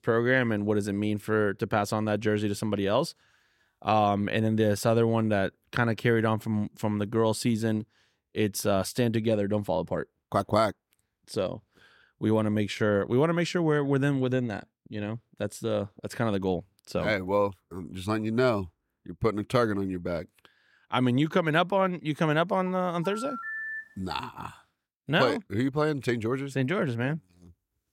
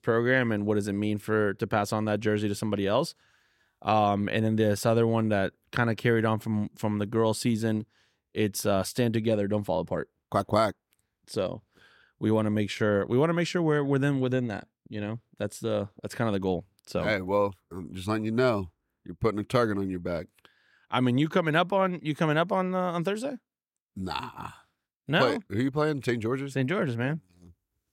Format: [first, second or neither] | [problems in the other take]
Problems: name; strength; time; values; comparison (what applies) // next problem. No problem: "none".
second | phone ringing; noticeable; from 23 to 24 s; peak 6 dB below the speech